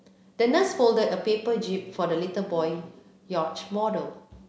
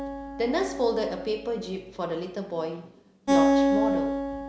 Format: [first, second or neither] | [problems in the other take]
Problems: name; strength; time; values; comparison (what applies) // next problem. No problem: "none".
first | background sound (Acoustic guitar); 3 dB above the speech